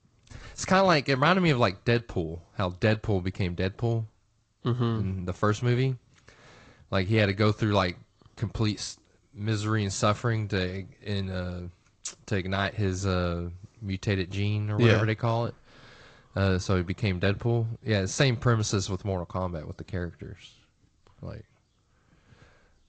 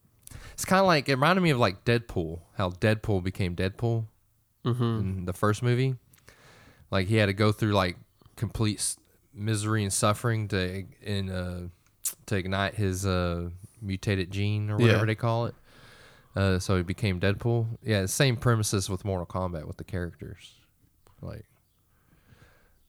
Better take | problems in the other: second | garbled, watery; slightly; nothing above 8 kHz

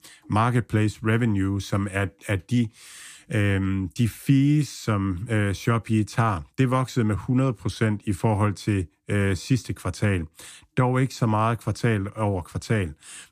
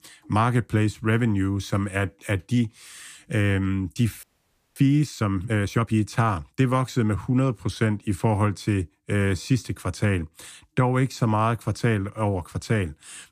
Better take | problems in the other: first | audio freezing; at 4 s for 0.5 s

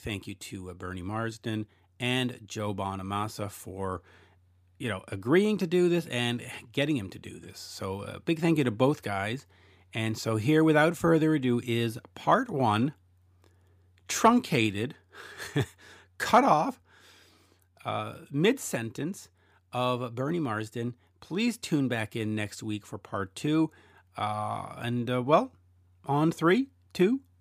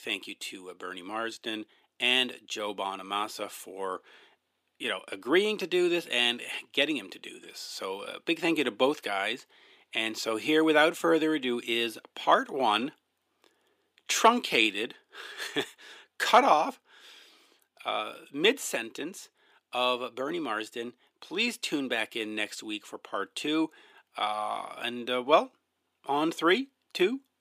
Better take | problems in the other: first | thin; somewhat; fading below 300 Hz

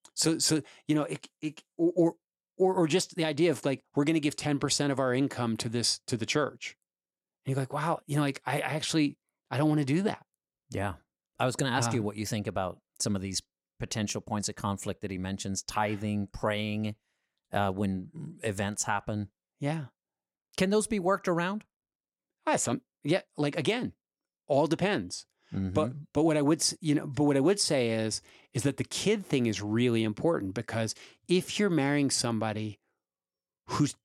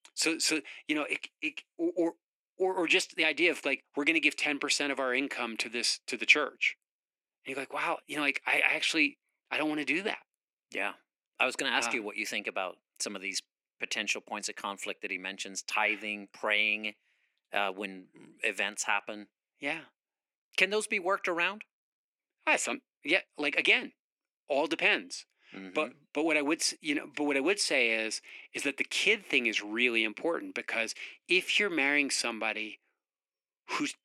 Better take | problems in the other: first | thin; somewhat; fading below 250 Hz

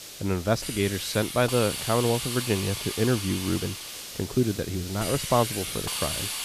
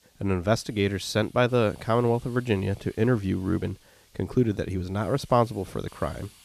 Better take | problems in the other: second | hiss; loud; throughout; 5 dB below the speech; faint in the second

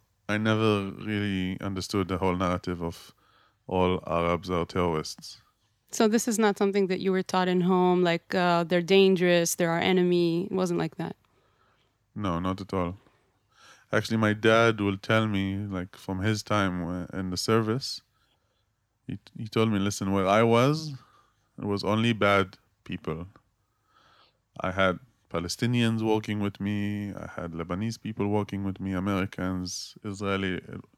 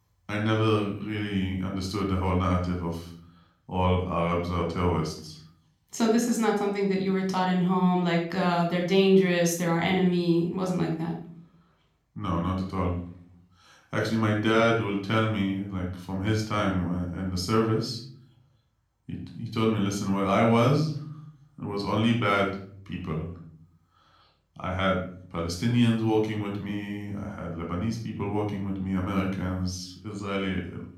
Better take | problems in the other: first | off-mic speech; somewhat distant // room echo; slight; dies away in 0.5 s

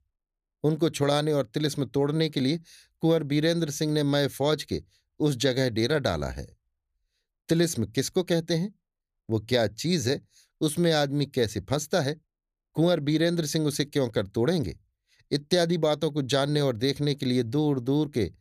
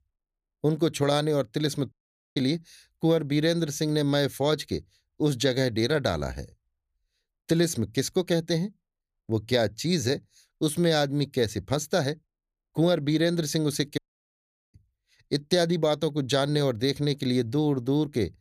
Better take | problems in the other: first | audio cutting out; at 2 s and at 14 s for 1 s

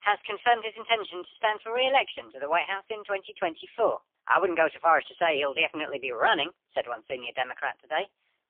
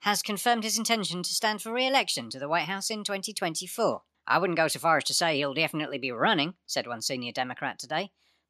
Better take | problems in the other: second | phone-call audio; poor line; nothing above 3.5 kHz

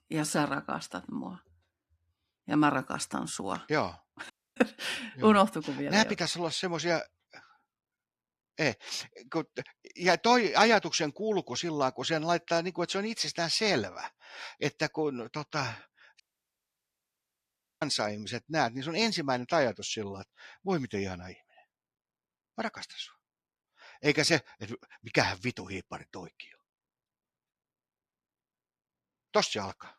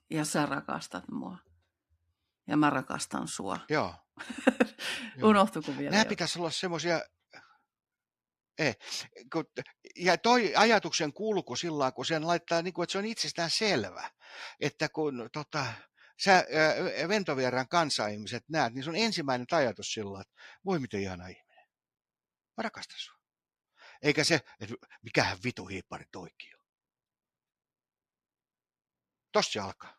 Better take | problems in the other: second | audio cutting out; at 4.5 s and at 16 s for 1.5 s

